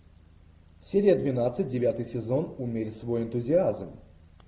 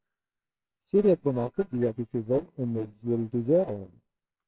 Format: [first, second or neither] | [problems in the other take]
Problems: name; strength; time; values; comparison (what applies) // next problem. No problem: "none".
first | noise reduction (neural separator model SepFormer WHAMR!)